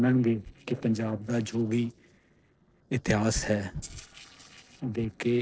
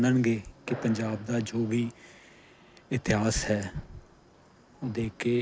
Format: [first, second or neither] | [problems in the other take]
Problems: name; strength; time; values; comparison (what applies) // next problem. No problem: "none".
second | noise reduction (neural separator model SepFormer DNS4)